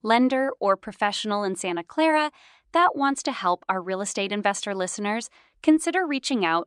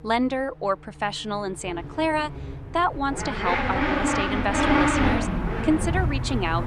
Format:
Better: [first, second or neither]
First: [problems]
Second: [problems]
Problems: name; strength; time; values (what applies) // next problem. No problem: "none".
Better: first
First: none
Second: traffic noise; very loud; throughout; 3 dB above the speech